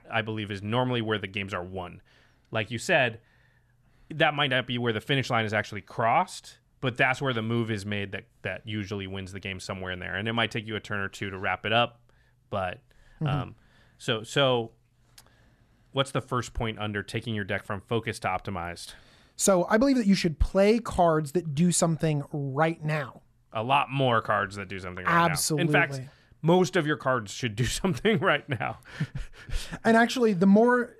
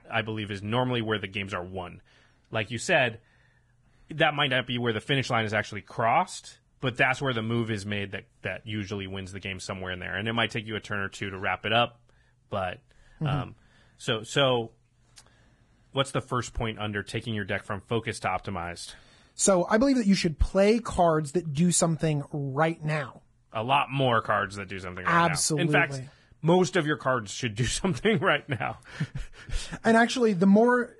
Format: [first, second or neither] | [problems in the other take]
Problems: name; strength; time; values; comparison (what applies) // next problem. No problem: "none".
first | garbled, watery; badly; nothing above 10.5 kHz